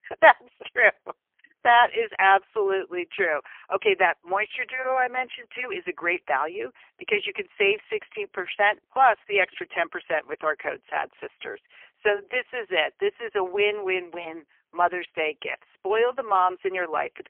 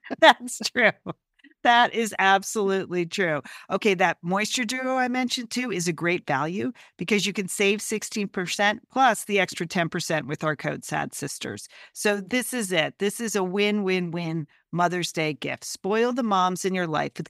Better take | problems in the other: second | phone-call audio; poor line; nothing above 3 kHz

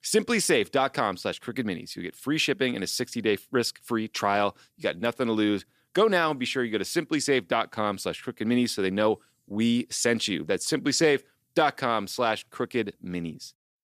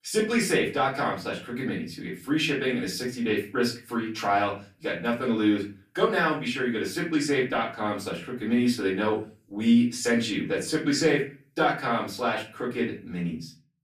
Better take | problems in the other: first | off-mic speech; far // room echo; slight; dies away in 0.4 s

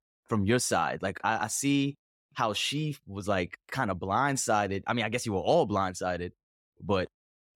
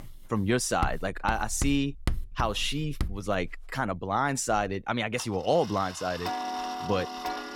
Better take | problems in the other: first | household noises; loud; throughout; 8 dB below the speech

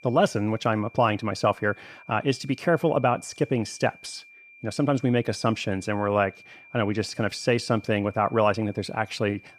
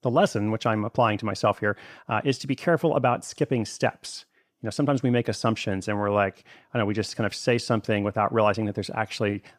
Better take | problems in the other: second | high-pitched whine; faint; throughout; 2.5 kHz, 25 dB below the speech

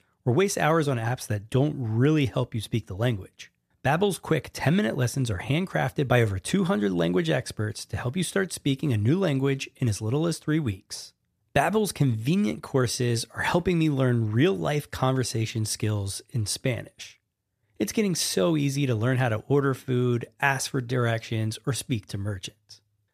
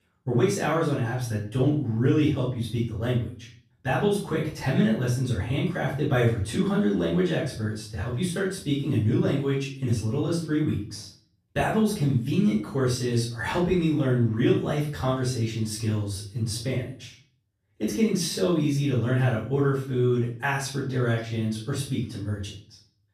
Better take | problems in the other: first | off-mic speech; far // room echo; noticeable; dies away in 0.4 s

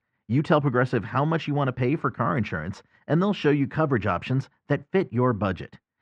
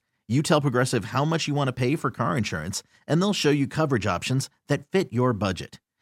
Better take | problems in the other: second | muffled; very; fading above 2 kHz

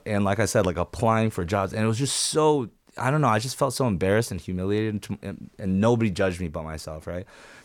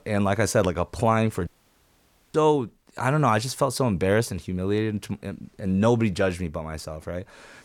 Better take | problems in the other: first | audio cutting out; at 1.5 s for 1 s

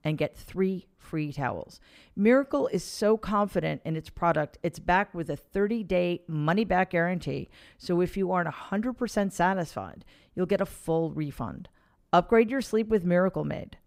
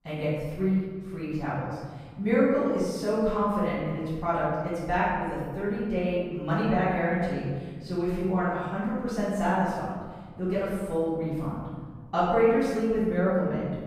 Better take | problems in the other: first | room echo; strong; dies away in 1.7 s // off-mic speech; far

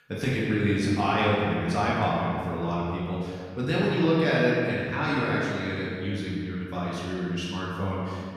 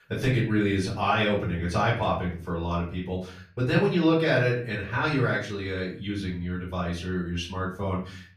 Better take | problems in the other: second | room echo; strong; dies away in 2 s; slight in the second // off-mic speech; far; far in the second

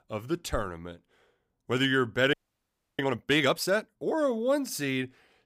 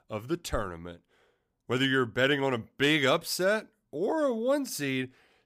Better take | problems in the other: second | audio freezing; at 2.5 s for 0.5 s

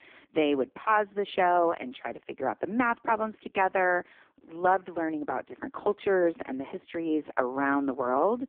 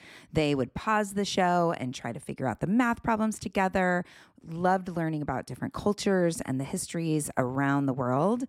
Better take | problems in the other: second | phone-call audio; poor line

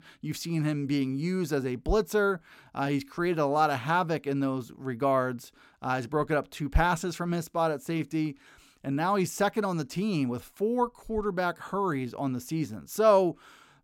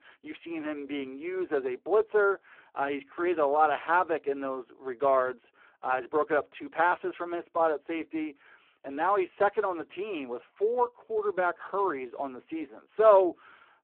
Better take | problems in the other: first | phone-call audio; poor line

